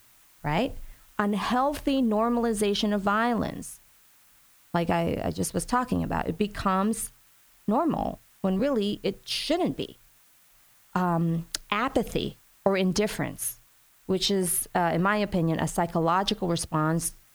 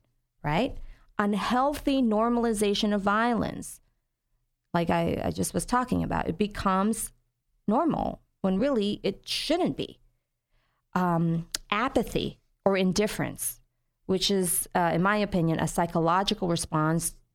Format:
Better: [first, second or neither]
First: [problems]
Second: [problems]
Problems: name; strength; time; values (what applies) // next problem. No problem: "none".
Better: second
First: hiss; faint; throughout; 30 dB below the speech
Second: none